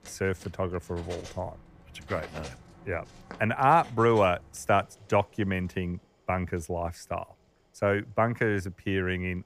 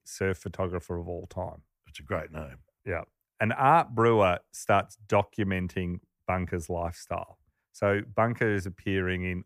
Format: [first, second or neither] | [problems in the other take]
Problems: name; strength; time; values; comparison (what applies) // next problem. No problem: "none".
second | household noises; faint; throughout; 20 dB below the speech